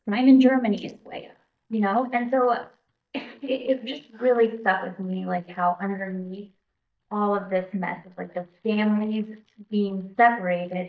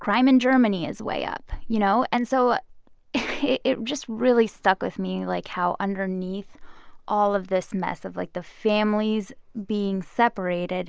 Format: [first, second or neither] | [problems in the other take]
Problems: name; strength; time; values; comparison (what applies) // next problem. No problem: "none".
second | noise reduction (neural mask model DeepFilterNet 3)